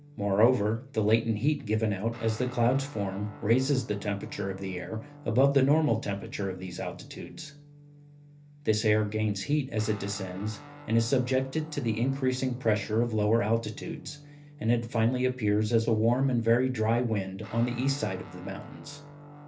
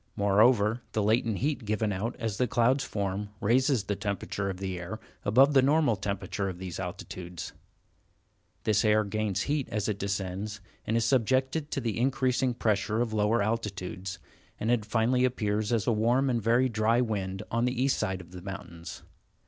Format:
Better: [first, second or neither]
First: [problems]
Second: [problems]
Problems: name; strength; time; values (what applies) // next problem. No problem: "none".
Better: second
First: background sound (Guitar); 20 dB below the speech // room echo; dies away in 0.3 s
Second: none